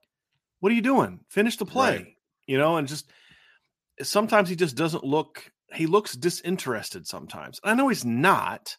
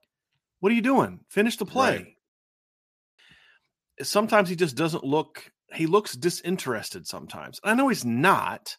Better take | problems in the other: first | audio cutting out; at 2.5 s for 1 s

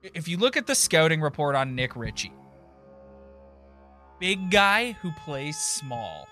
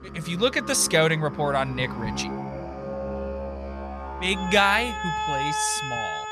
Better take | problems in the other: first | background music; loud; throughout; 8 dB below the speech; faint in the first

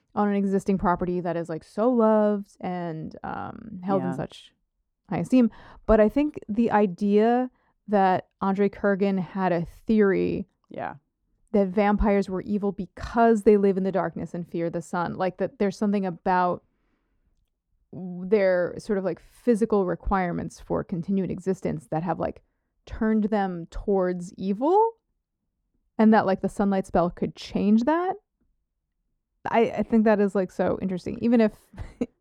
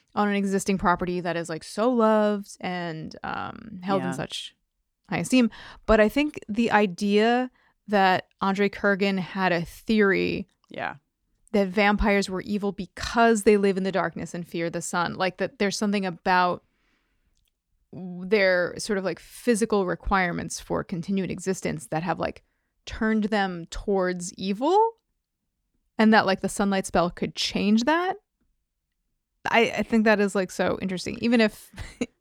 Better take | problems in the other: second | muffled; slightly; fading above 1.5 kHz

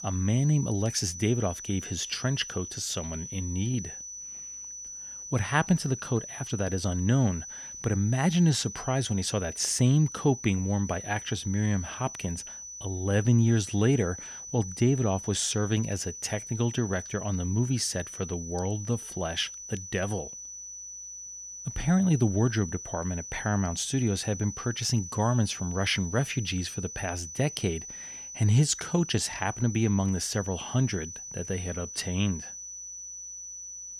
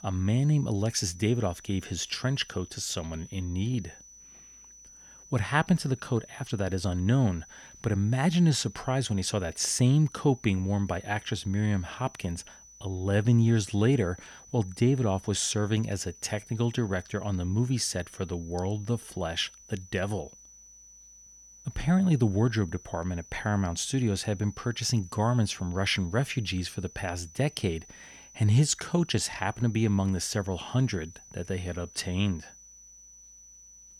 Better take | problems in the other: second | high-pitched whine; loud; throughout; 6 kHz, 10 dB below the speech; faint in the second

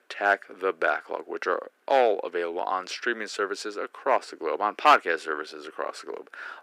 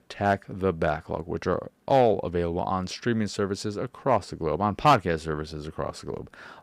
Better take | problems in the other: second | thin; very; fading below 300 Hz

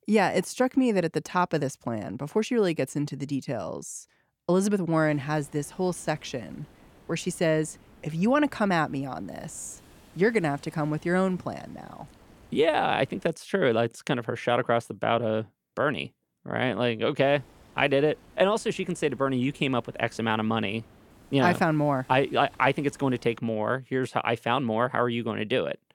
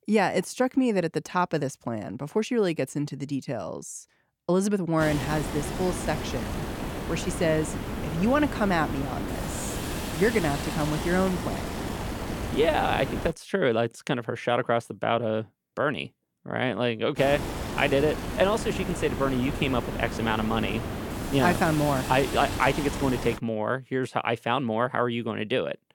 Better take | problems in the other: first | hiss; loud; from 5 to 13 s and from 17 to 23 s; 6 dB below the speech; faint in the first

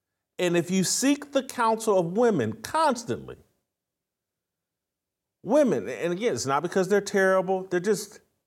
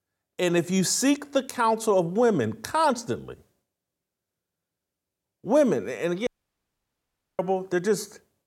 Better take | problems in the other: first | audio cutting out; at 6.5 s for 1 s

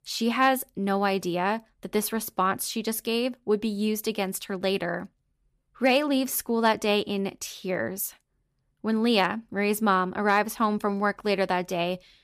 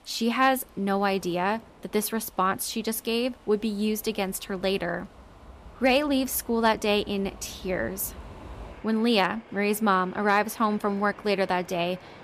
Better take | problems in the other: first | train or aircraft noise; faint; throughout; 20 dB below the speech

